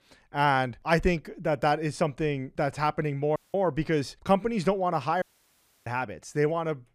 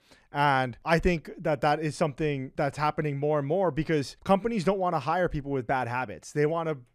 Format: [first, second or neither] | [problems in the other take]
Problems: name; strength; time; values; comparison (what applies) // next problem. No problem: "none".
second | audio cutting out; at 3.5 s and at 5 s for 0.5 s